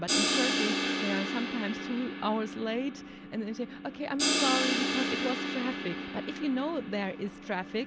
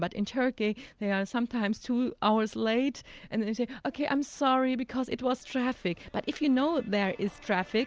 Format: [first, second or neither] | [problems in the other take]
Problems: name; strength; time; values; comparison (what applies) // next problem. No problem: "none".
second | background sound (Crash cymbal); 1 dB above the speech